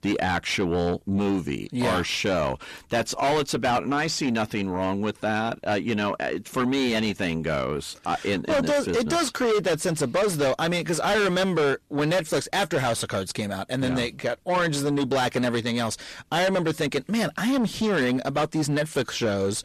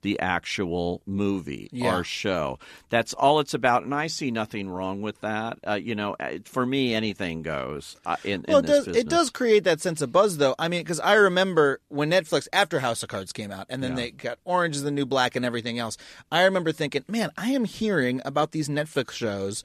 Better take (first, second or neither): second